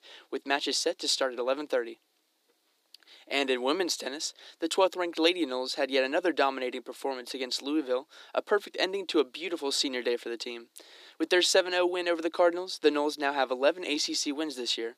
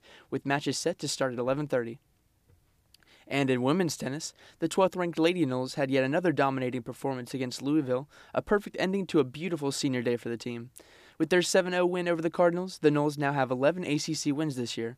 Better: second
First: thin; somewhat; fading below 300 Hz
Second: none

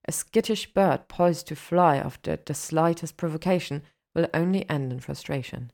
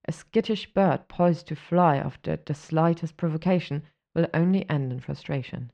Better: first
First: none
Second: muffled; slightly; fading above 4 kHz

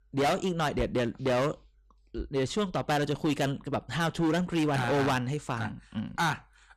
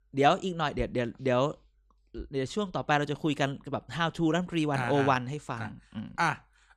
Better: second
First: distortion; heavy; 13% of the sound clipped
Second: none

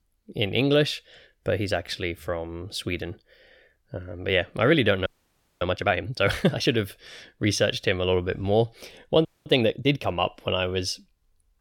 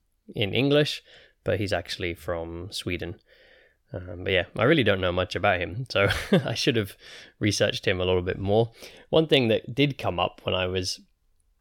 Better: second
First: audio freezing; at 5 s for 0.5 s and at 9.5 s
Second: none

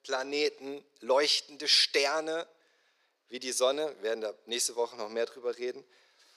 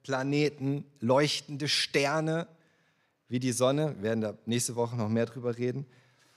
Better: second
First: thin; very; fading below 400 Hz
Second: none

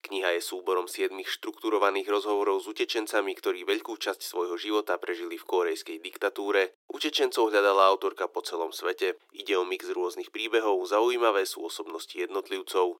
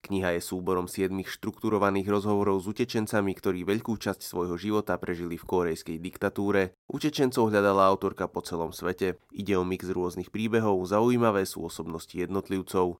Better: second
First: thin; very; fading below 300 Hz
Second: none

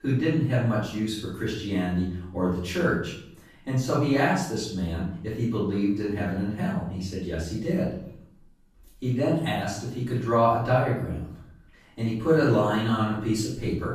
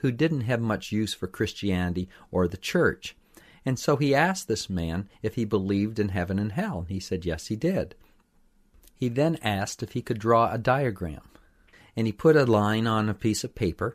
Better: second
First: off-mic speech; far // room echo; noticeable; dies away in 0.6 s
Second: none

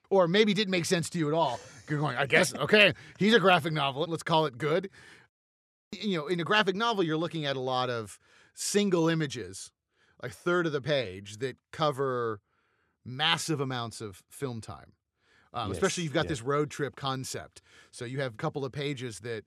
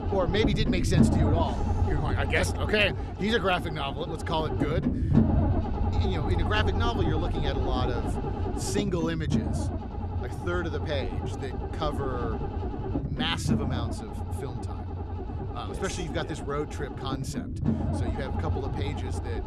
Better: first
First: none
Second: low rumble; loud; throughout; 5 dB below the speech

